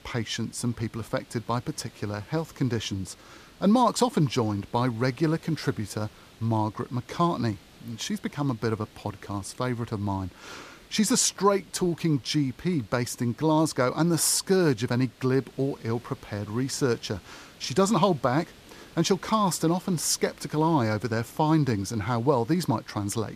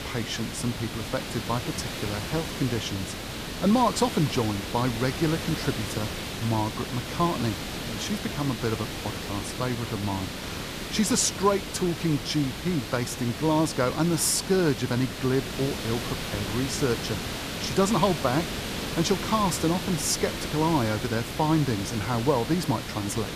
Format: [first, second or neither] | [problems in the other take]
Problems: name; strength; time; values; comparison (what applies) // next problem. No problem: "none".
first | hiss; loud; throughout; 6 dB below the speech; faint in the first